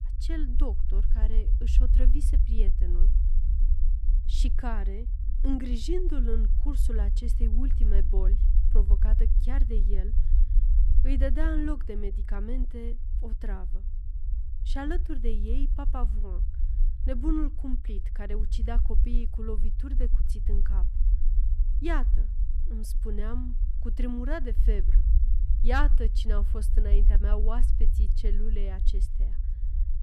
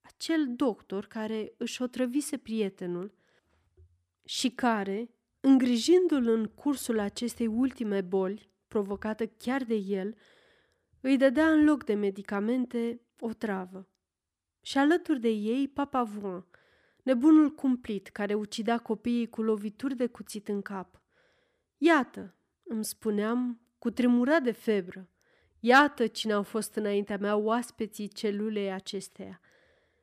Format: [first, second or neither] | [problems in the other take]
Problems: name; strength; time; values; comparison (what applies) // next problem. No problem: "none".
second | low rumble; noticeable; throughout; 10 dB below the speech